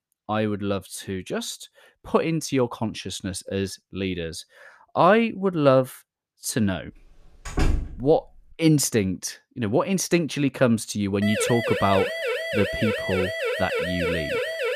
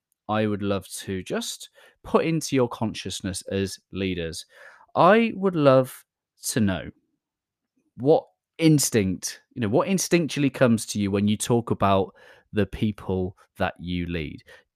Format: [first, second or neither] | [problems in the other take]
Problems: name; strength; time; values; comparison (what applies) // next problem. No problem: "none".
second | door banging; noticeable; at 7.5 s; peak 1 dB below the speech // siren; noticeable; from 11 s on; peak 1 dB below the speech